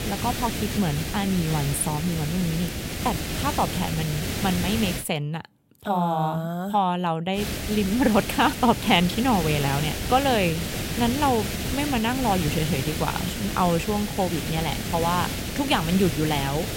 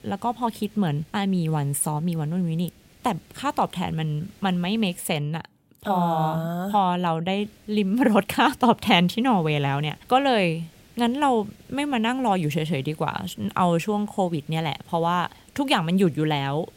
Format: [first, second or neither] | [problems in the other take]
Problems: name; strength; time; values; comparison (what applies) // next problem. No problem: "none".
second | hiss; loud; until 5 s and from 7.5 s on; 4 dB below the speech; faint in the second